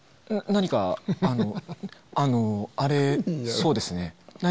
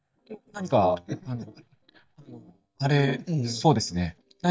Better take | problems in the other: first | noise reduction (neural mask model DeepFilterNet 3)

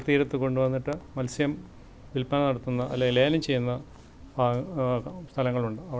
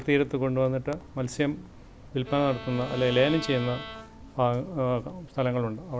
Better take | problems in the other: first | background sound (Bowed string instrument); 14 dB below the speech

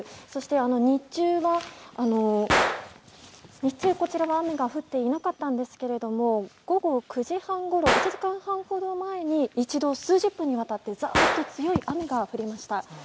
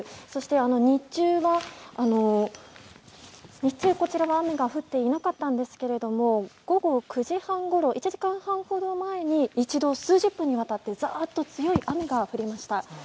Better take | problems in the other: second | background sound (Gunshot, gunfire); 7 dB below the speech

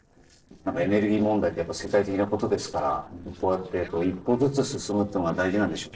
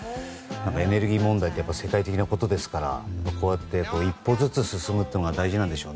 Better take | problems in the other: second | noise reduction (neural separator model SepFormer DNS4)

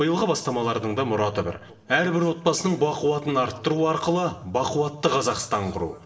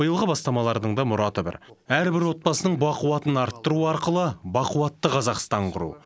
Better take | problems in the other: second | room echo; dies away in 0.8 s

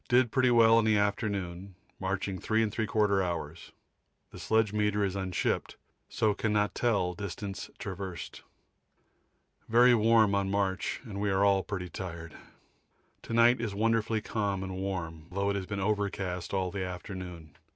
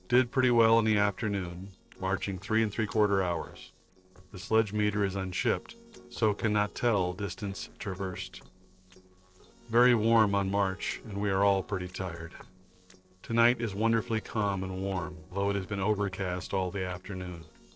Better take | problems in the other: first | noise reduction (neural separator model SepFormer DNS4)

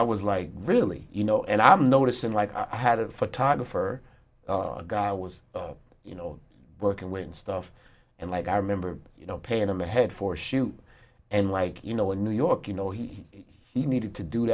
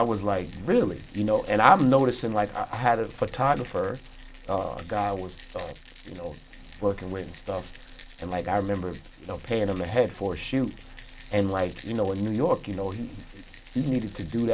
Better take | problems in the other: first | background sound (Rattle); 19 dB below the speech

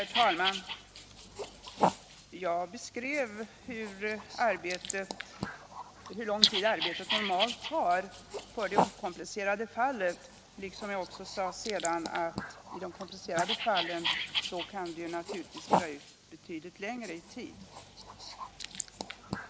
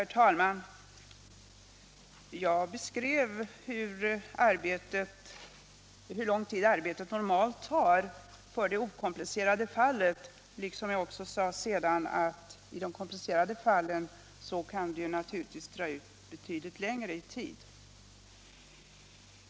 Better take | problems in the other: second | noise reduction (neural mask model Resemble Enhance denoiser)

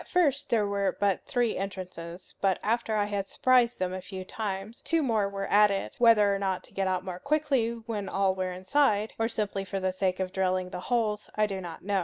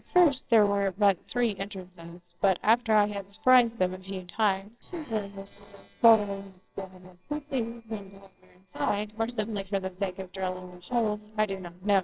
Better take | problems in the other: first | noise reduction (neural separator model SepFormer WHAMR!)

